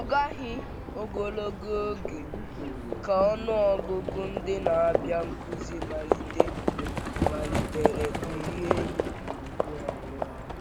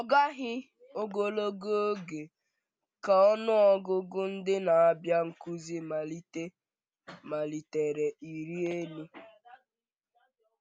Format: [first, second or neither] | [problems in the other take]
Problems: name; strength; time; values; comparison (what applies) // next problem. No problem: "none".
second | background sound (Livestock, farm animals, working animals); as loud as the speech